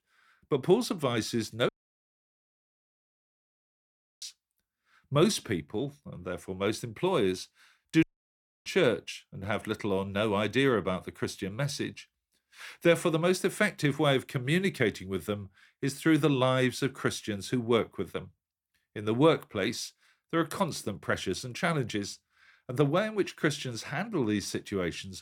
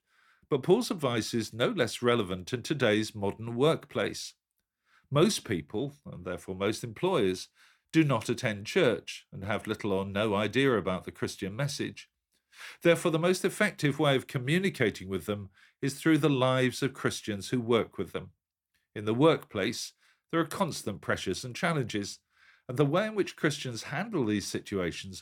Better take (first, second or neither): second